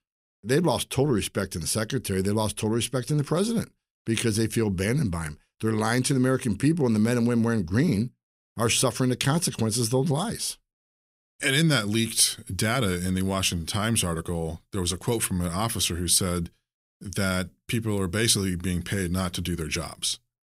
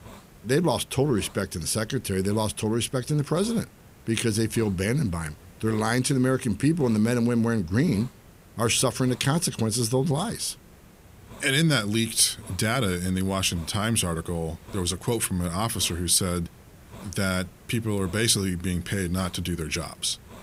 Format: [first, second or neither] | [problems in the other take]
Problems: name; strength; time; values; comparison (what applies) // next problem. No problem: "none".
first | hiss; faint; throughout; 25 dB below the speech